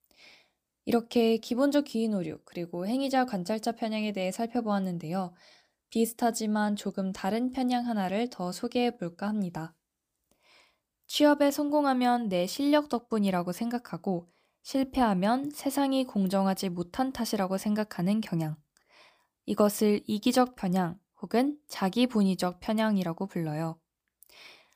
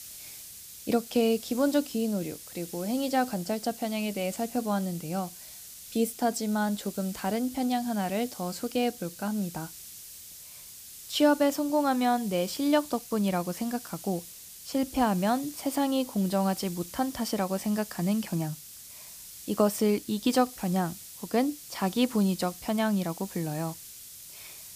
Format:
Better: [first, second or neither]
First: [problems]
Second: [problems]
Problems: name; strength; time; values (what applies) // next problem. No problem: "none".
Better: first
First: none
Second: hiss; noticeable; throughout; 15 dB below the speech